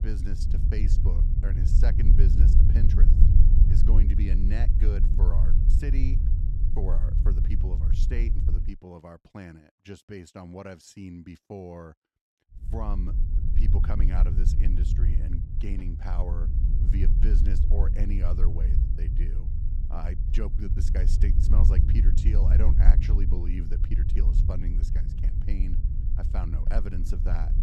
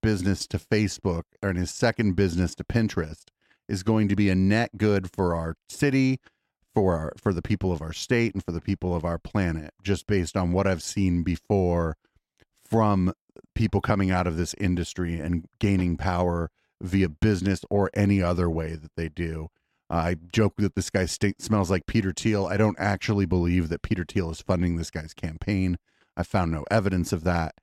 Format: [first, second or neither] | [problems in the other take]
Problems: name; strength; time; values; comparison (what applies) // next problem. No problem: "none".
second | low rumble; loud; until 8.5 s and from 13 s on; 1 dB below the speech